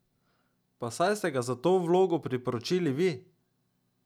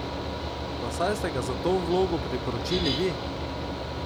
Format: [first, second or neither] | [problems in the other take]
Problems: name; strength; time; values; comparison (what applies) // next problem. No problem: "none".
first | background sound (Mechanical fan); 1 dB below the speech